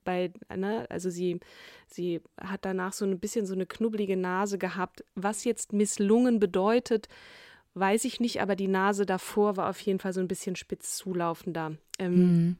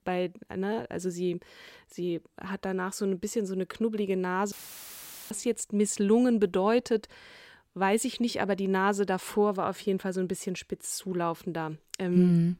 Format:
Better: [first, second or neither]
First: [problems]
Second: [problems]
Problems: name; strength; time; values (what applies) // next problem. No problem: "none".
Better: first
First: none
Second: audio cutting out; filled with static; at 4.5 s for 1 s